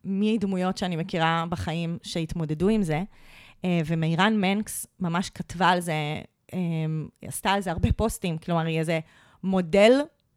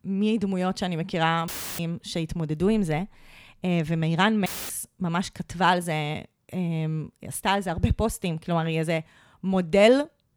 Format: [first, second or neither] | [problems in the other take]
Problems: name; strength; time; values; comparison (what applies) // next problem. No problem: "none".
first | audio cutting out; filled with static; at 1.5 s and at 4.5 s